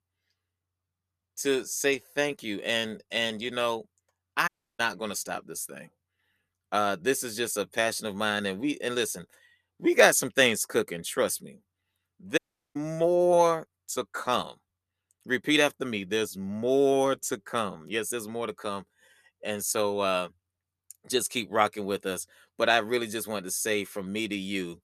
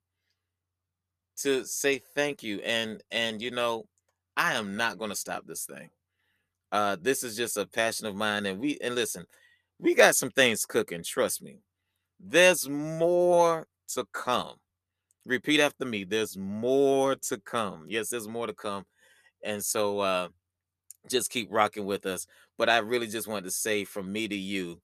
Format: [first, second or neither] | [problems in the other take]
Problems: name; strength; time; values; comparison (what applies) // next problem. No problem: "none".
second | audio cutting out; at 4.5 s and at 12 s